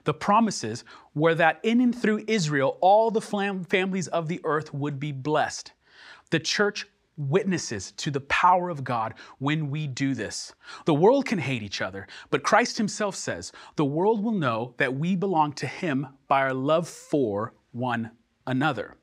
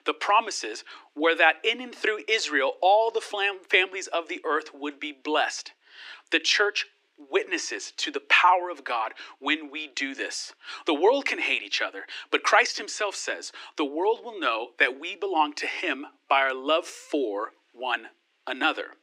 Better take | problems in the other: first | thin; somewhat; fading below 300 Hz

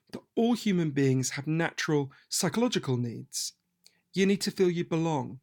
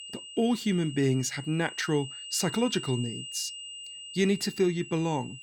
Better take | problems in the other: first | high-pitched whine; noticeable; throughout; 3 kHz, 10 dB below the speech

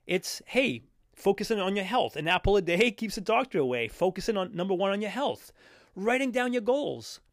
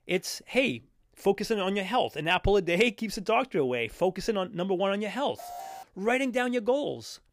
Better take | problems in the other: first | alarm; faint; at 5.5 s; peak 15 dB below the speech

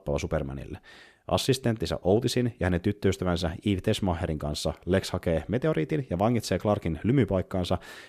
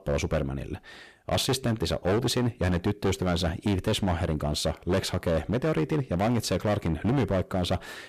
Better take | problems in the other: first | distortion; heavy; 14% of the sound clipped

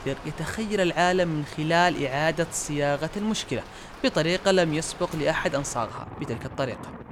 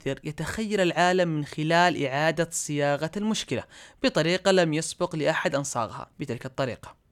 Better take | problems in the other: second | rain or running water; noticeable; throughout; 15 dB below the speech

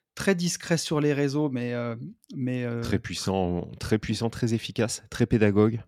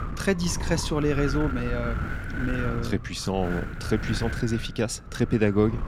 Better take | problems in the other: first | wind noise on the microphone; heavy; 6 dB below the speech

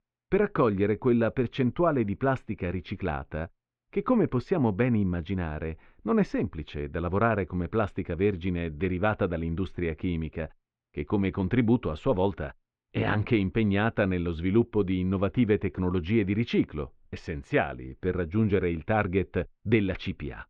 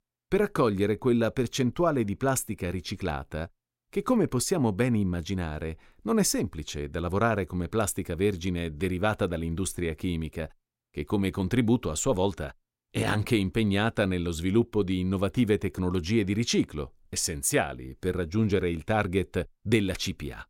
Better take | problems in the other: second | muffled; very; fading above 3 kHz

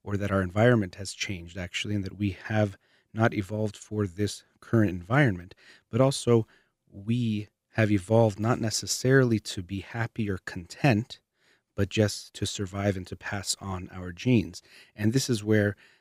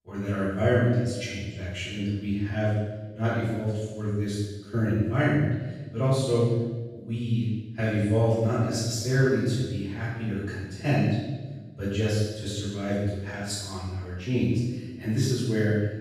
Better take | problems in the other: first | off-mic speech; far // room echo; strong; dies away in 1.2 s

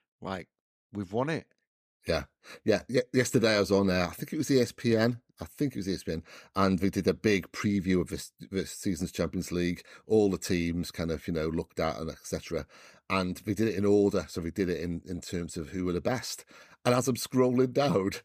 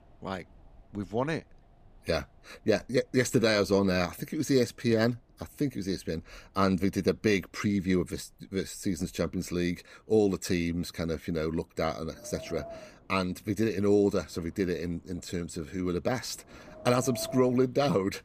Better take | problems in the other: first | wind in the background; faint; throughout; 20 dB below the speech

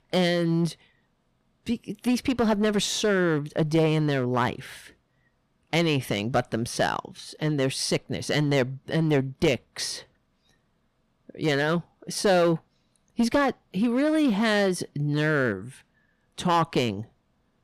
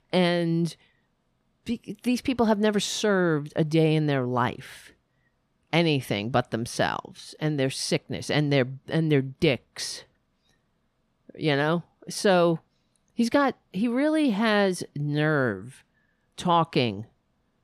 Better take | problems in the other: second | distortion; slight; 4% of the sound clipped

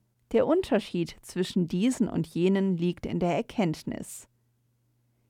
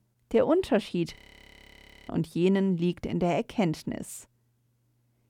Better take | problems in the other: first | audio freezing; at 1 s for 1 s

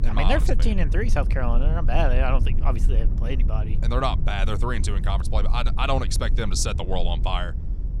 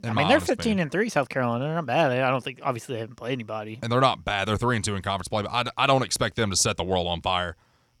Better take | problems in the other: second | low rumble; noticeable; throughout; 15 dB below the speech

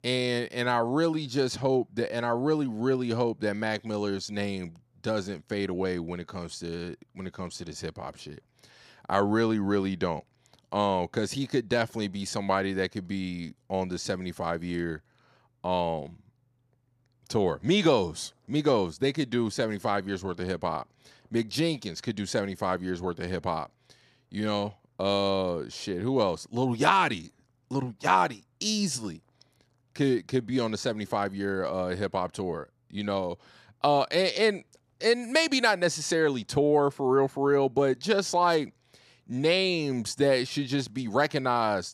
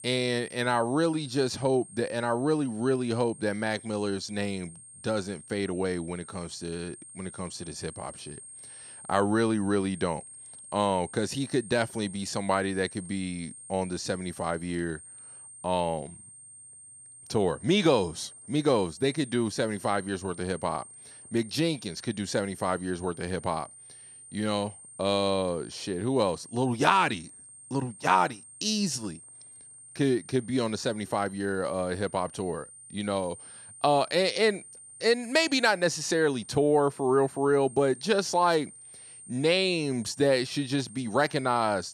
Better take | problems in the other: first | high-pitched whine; noticeable; throughout; 8.5 kHz, 15 dB below the speech

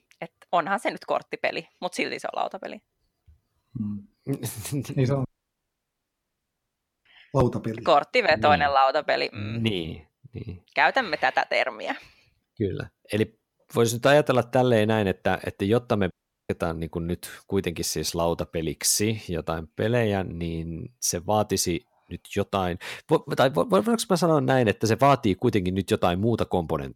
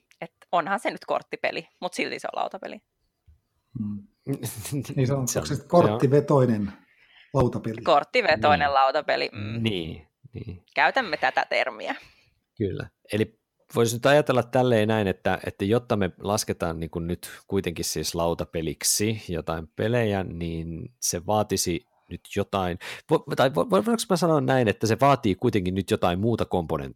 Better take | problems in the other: second | audio cutting out; at 5.5 s for 2 s and at 16 s

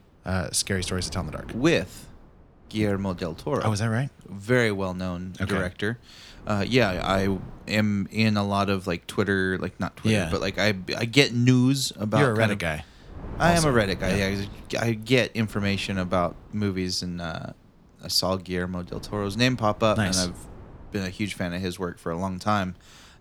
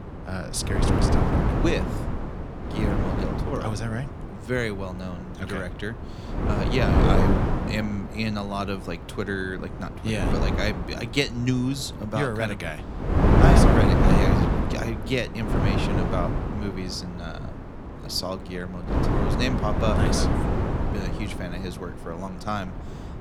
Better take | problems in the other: first | wind noise on the microphone; heavy; 2 dB above the speech; occasional gusts in the first

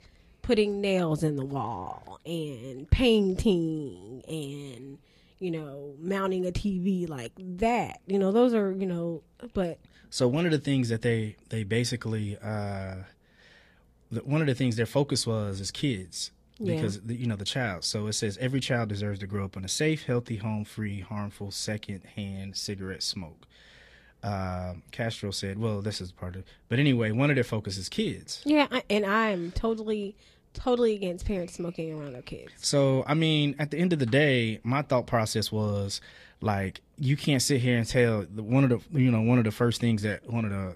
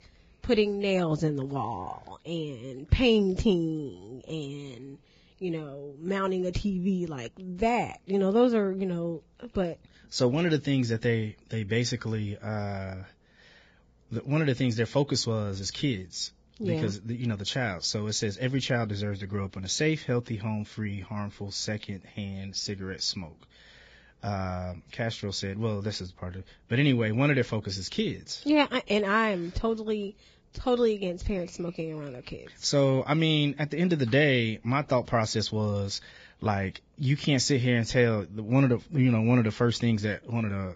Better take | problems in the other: first | garbled, watery; badly; nothing above 7.5 kHz; slightly in the first

